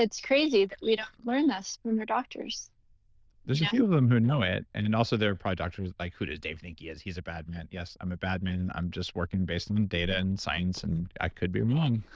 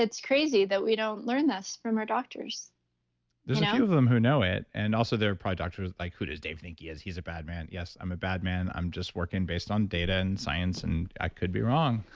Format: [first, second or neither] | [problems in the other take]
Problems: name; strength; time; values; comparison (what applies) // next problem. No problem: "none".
second | noise reduction (neural diffusion model UNIVERSE++)